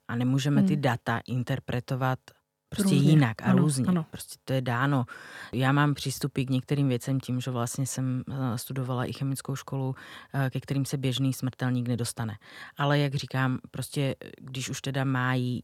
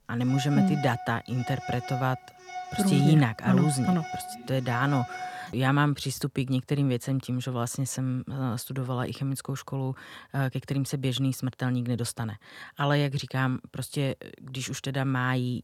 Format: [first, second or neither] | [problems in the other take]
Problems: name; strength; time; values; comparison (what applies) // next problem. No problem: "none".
first | phone ringing; noticeable; until 5.5 s; peak 8 dB below the speech